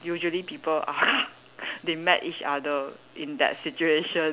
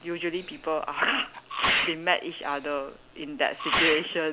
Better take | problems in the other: first | background sound (Sneeze); 2 dB below the speech

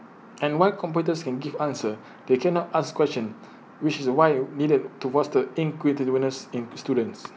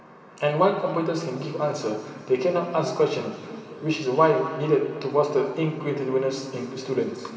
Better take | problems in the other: first | room echo; dies away in 2.5 s

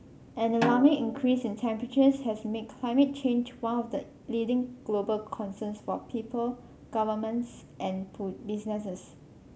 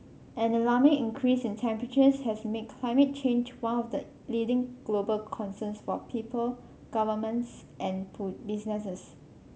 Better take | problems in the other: second | background sound (Snare drum); 7 dB below the speech

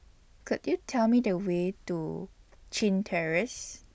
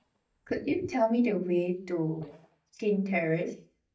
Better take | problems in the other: first | noise reduction (neural mask model DeepFilterNet 3)

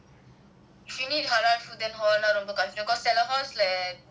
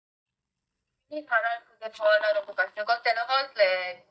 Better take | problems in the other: first | noise reduction (neural mask model DeepFilterNet 3)

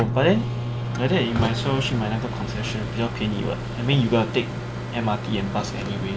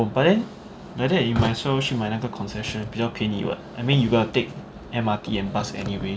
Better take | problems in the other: second | background sound (Microwave oven); 4 dB below the speech

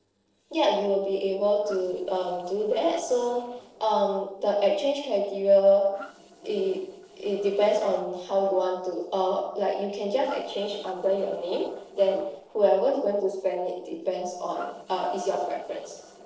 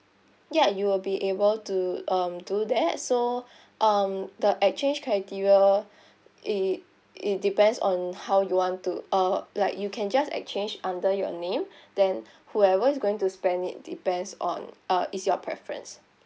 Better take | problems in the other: second | noise reduction (neural separator model SepFormer DNS4)

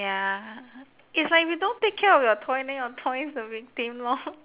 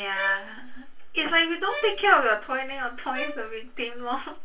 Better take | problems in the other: first | background sound (Bowed string instrument); 14 dB below the speech // room echo; dies away in 0.1 s

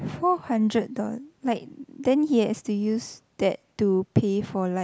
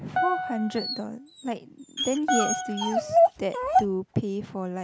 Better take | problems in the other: first | background sound (Piano + Dog); 3 dB above the speech

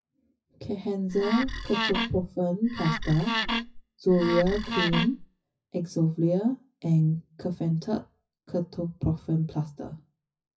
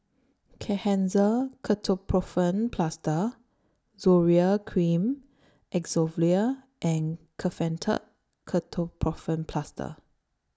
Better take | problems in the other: second | noise reduction (classical method WPE with log-MMSE)

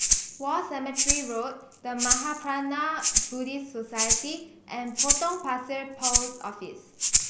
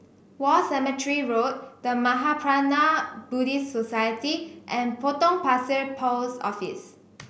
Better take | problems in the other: second | background sound (Rattle (instrument)); 4 dB above the speech

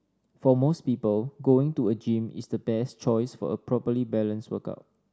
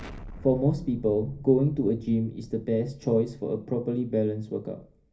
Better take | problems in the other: first | background sound (Explosion); 19 dB below the speech // room echo; dies away in 0.3 s

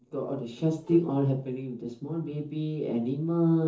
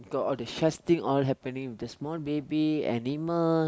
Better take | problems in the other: second | noise reduction (neural separator model SepFormer DNS4)

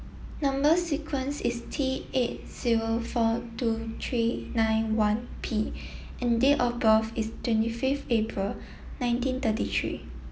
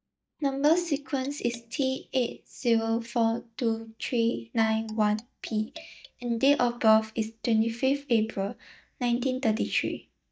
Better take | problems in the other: first | noise reduction (neural mask model DeepFilterNet 3)

